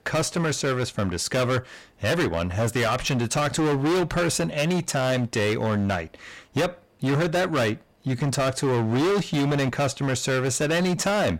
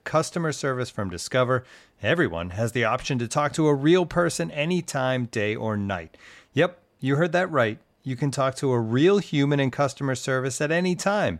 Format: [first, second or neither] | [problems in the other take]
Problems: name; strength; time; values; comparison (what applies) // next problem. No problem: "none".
second | distortion; heavy; 25% of the sound clipped